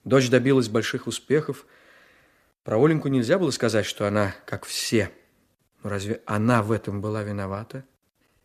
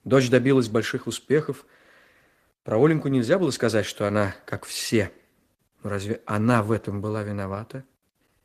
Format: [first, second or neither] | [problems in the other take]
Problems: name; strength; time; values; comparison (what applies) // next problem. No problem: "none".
first | garbled, watery; slightly; nothing above 14.5 kHz